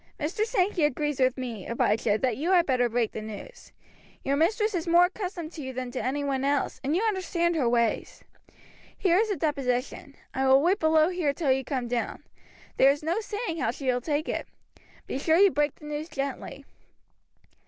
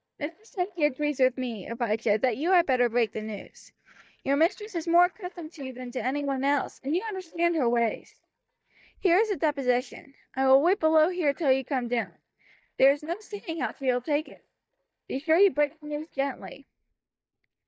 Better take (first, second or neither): first